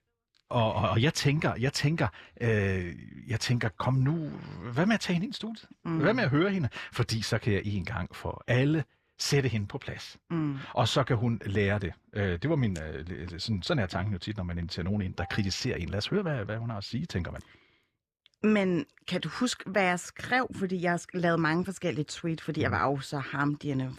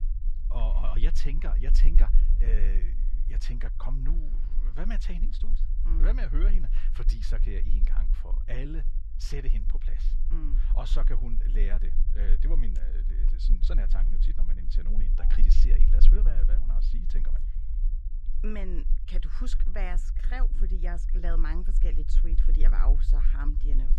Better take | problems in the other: first | low rumble; noticeable; throughout; 10 dB below the speech

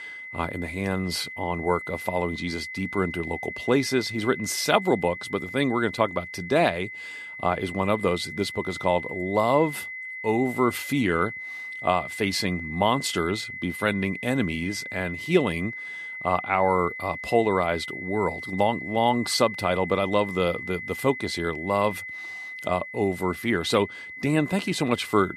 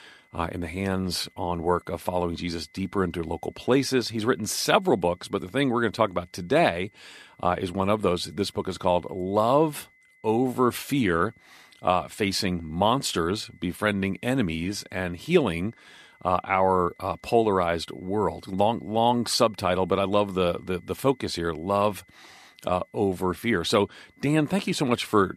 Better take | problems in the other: second | high-pitched whine; loud; throughout; 2 kHz, 9 dB below the speech; faint in the second

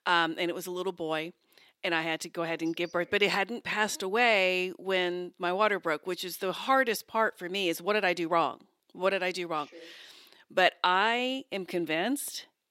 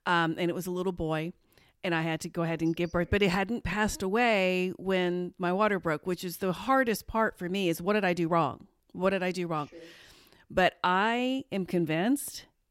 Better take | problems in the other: second | thin; somewhat; fading below 350 Hz

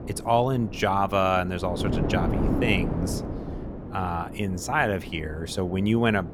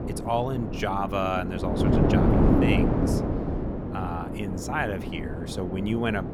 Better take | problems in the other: first | wind noise on the microphone; heavy; 1 dB below the speech; occasional gusts in the first

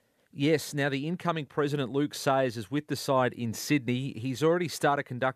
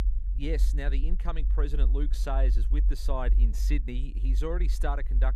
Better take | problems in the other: first | low rumble; noticeable; throughout; 15 dB below the speech

